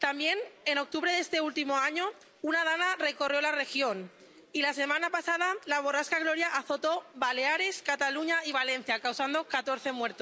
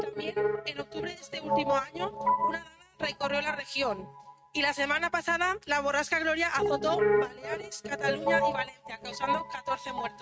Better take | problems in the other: first | noise reduction (neural mask model RNNoise)

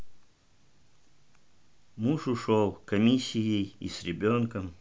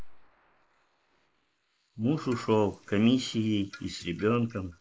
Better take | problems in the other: first | noise reduction (neural mask model Resemble Enhance denoiser)

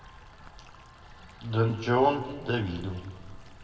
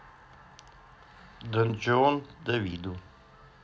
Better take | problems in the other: second | background sound (Stream); 19 dB below the speech // room echo; dies away in 2.1 s

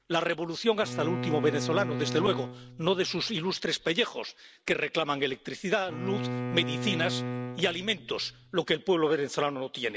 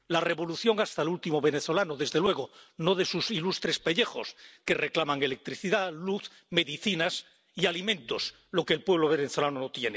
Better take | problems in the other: second | background sound (Bowed string instrument); 6 dB below the speech

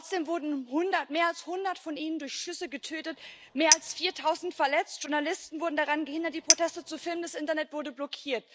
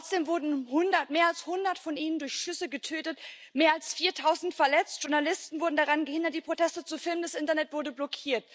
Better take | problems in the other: second | background sound (Chink, clink); 2 dB below the speech

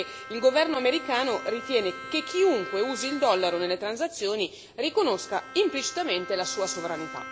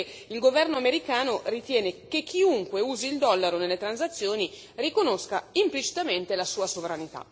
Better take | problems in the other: second | background sound (Bowed string instrument); 13 dB below the speech

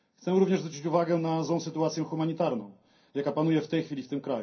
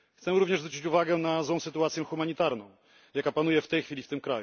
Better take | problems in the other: second | room echo; dies away in 0.3 s

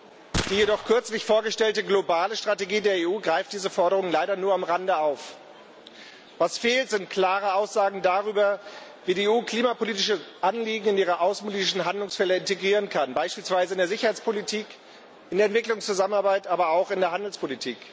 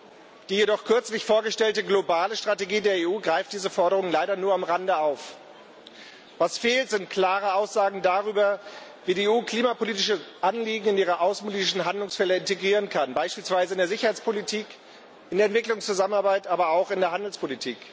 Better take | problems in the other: second | background sound (Gunshot, gunfire); 8 dB below the speech

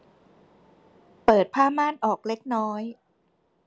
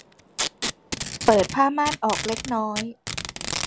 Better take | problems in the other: first | background sound (Packing tape, duct tape); 6 dB below the speech

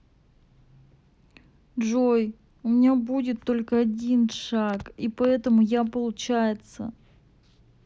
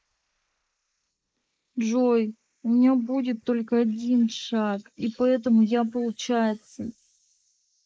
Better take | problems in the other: first | noise reduction (neural mask model Resemble Enhance denoiser)

